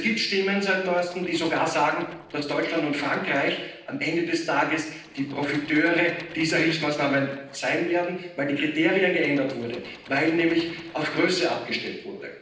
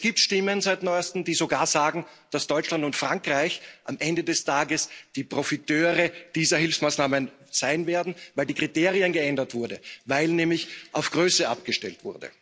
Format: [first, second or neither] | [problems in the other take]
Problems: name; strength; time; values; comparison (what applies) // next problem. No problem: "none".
second | noise reduction (neural separator model SepFormer DNS4)